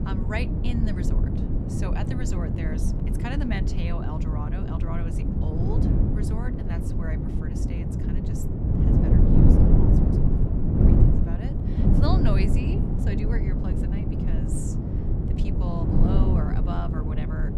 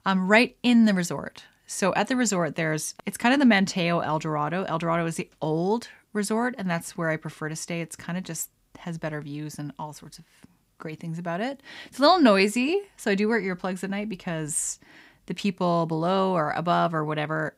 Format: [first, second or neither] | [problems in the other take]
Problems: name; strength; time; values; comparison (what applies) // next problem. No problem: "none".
second | wind noise on the microphone; heavy; 3 dB above the speech